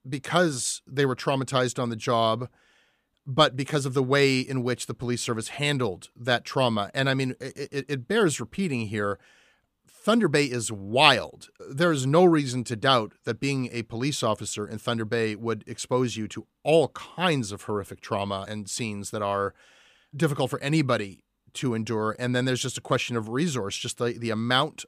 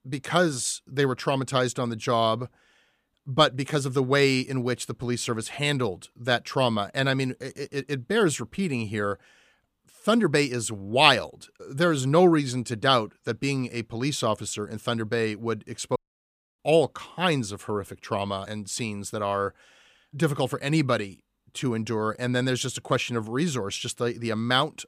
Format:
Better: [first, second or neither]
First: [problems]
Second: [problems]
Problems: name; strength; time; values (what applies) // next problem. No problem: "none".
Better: first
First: none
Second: audio cutting out; at 16 s for 0.5 s